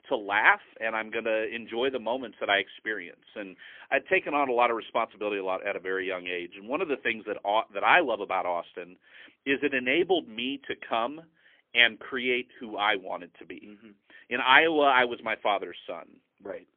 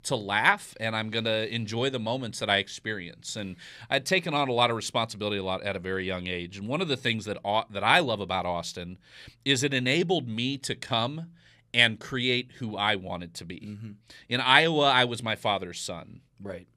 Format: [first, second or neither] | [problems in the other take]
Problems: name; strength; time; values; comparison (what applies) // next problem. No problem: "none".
second | phone-call audio; poor line; nothing above 3.5 kHz